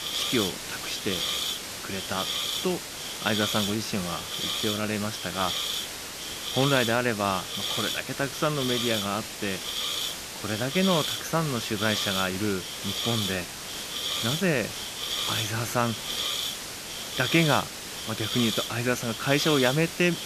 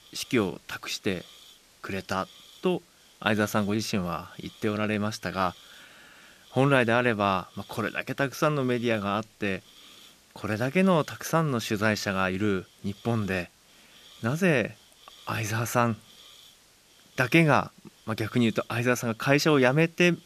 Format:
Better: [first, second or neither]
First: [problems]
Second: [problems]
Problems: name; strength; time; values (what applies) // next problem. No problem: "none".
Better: second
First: hiss; loud; throughout; 1 dB below the speech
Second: hiss; faint; throughout; 25 dB below the speech